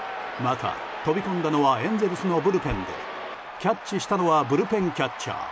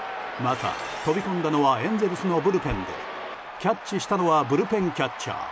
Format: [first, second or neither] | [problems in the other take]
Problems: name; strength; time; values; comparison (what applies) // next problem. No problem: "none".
first | background sound (Dishes, pots, and pans); 20 dB below the speech